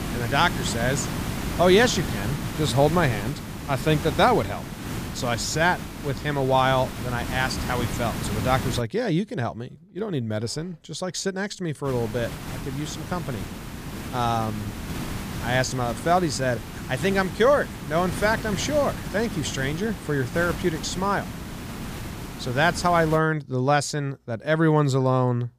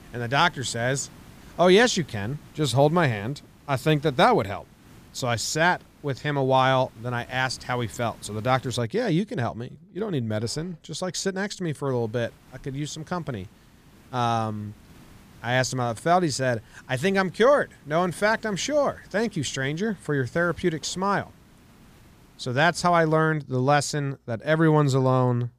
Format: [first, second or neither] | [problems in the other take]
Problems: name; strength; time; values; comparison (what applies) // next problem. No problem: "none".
second | hiss; loud; until 9 s and from 12 to 23 s; 8 dB below the speech; faint in the second